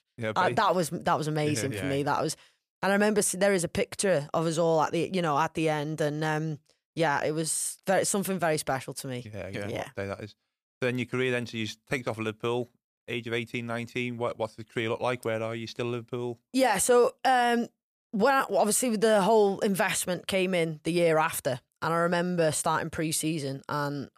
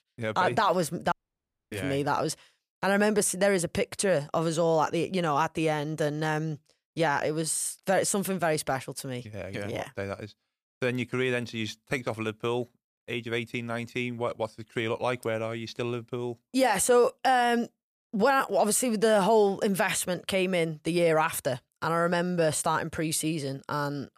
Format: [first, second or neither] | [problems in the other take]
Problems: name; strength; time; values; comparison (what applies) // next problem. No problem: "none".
first | audio cutting out; at 1 s for 0.5 s